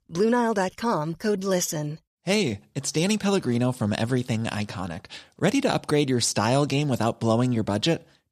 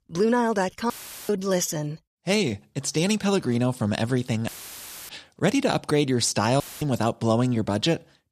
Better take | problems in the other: first | audio cutting out; filled with static; at 1 s, at 4.5 s for 0.5 s and at 6.5 s

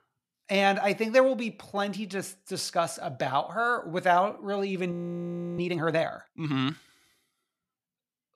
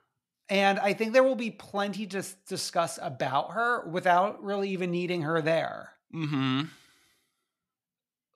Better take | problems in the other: second | audio freezing; at 5 s for 0.5 s

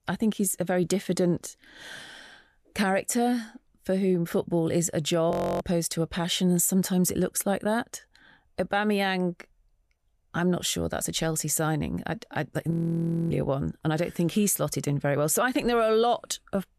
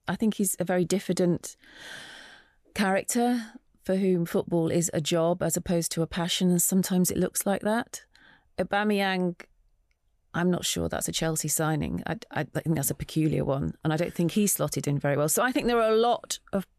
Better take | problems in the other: second | audio freezing; at 5.5 s and at 13 s for 0.5 s

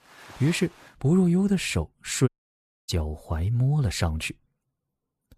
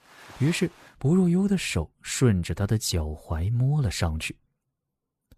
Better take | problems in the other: second | audio cutting out; at 2.5 s for 0.5 s

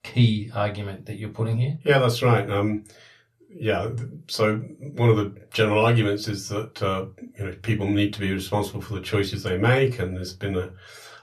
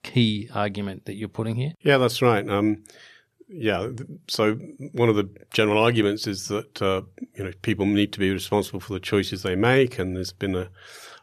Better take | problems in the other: second | off-mic speech; far // room echo; very slight; dies away in 0.2 s

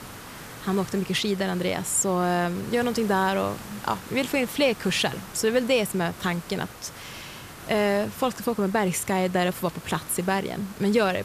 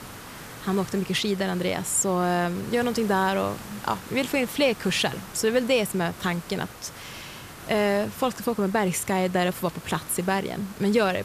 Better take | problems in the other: neither | hiss; noticeable; throughout; 15 dB below the speech; the same in both

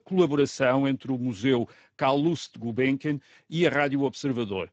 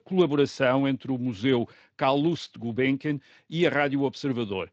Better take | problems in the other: second | garbled, watery; badly; nothing above 7.5 kHz; slightly in the second

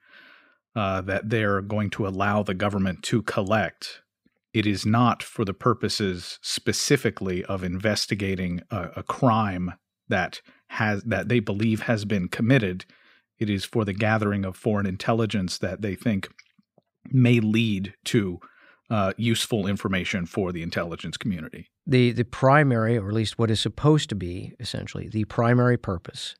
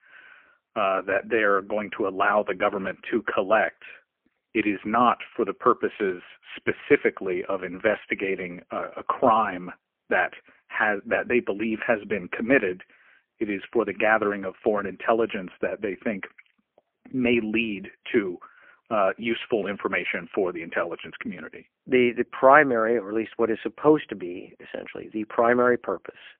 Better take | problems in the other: first | phone-call audio; poor line

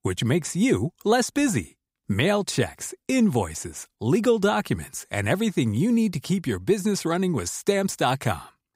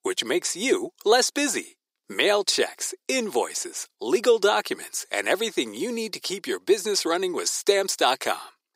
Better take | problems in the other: first | thin; somewhat; fading below 350 Hz

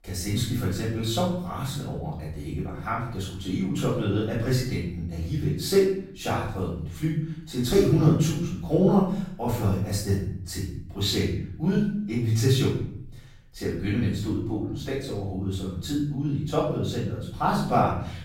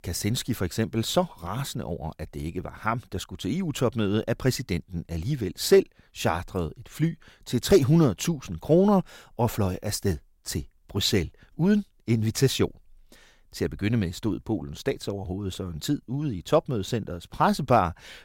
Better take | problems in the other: second | off-mic speech; far // room echo; noticeable; dies away in 0.7 s

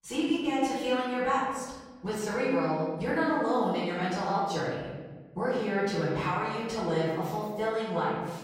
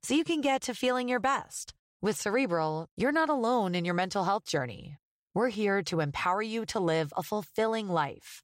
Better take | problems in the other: second | off-mic speech; far // room echo; strong; dies away in 1.3 s

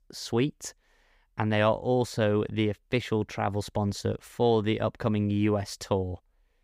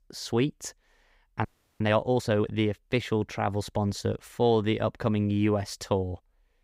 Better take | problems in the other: first | audio freezing; at 1.5 s

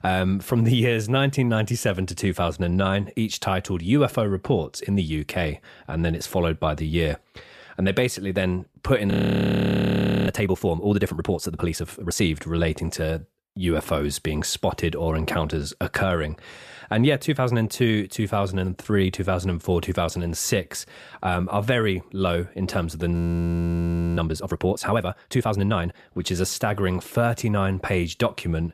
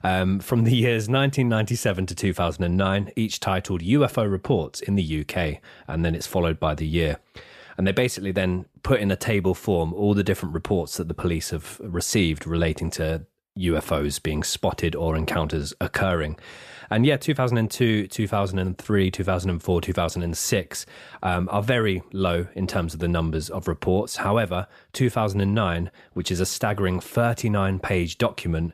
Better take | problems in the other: second | audio freezing; at 9 s for 1 s and at 23 s for 1 s

